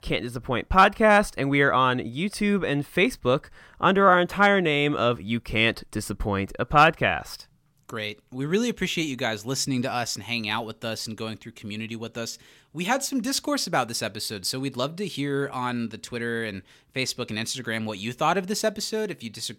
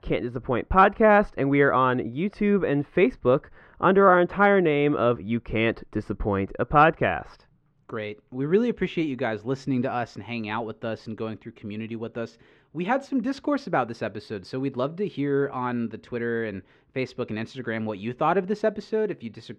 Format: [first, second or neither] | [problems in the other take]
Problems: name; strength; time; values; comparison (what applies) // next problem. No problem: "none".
first | muffled; very; fading above 2 kHz